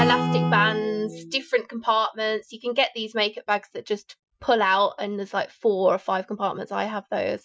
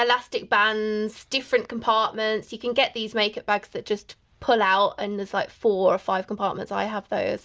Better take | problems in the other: second | noise reduction (classical method Wiener filter)

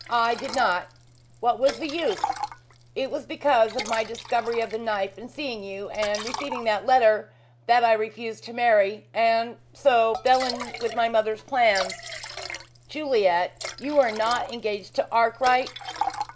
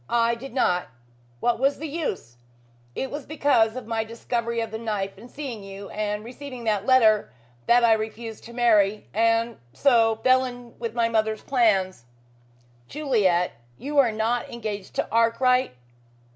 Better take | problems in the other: second | background sound (Liquid); 12 dB below the speech

